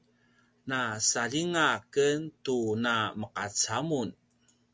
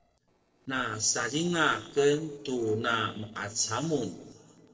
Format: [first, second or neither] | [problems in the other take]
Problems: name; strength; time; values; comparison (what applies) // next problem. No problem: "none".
first | noise reduction (neural separator model SepFormer DNS4)